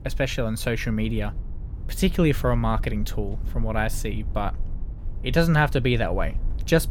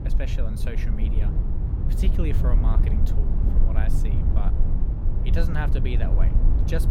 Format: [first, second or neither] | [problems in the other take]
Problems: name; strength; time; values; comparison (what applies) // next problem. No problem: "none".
first | low rumble; loud; throughout; 2 dB below the speech; faint in the first